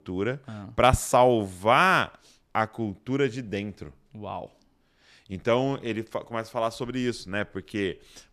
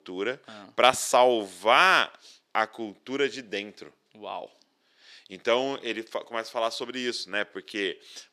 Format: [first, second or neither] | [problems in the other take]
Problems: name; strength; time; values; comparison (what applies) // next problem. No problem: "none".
first | thin; somewhat; fading below 400 Hz